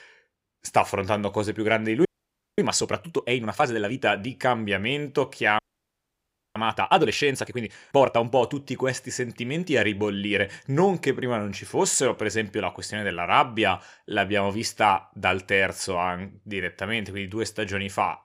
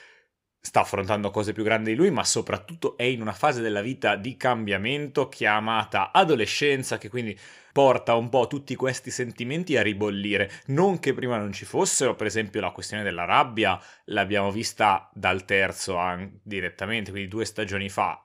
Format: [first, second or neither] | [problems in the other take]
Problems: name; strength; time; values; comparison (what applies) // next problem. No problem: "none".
second | audio freezing; at 2 s for 0.5 s and at 5.5 s for 1 s